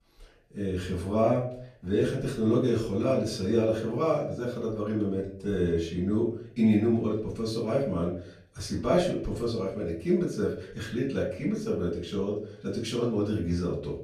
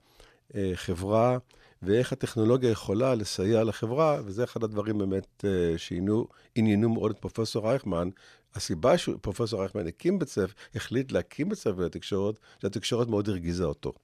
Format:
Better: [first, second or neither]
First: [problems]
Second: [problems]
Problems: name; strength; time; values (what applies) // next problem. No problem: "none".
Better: second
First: off-mic speech; far // room echo; slight; dies away in 0.5 s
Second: none